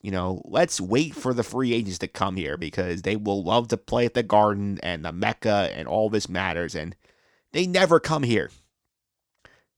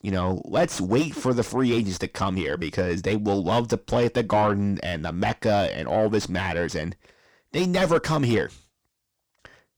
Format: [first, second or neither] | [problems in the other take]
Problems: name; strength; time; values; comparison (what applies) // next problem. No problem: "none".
first | distortion; heavy; 7 dB below the speech